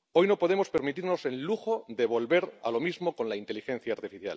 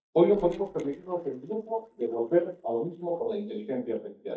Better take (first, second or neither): first